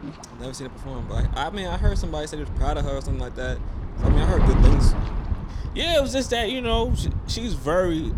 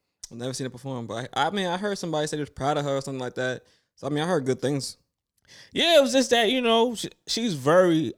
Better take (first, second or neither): second